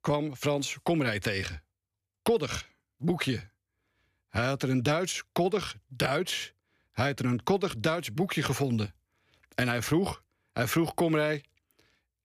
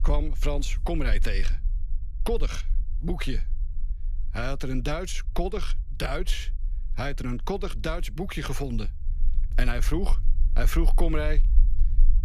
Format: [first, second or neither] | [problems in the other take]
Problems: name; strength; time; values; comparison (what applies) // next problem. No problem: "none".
first | low rumble; faint; throughout; 20 dB below the speech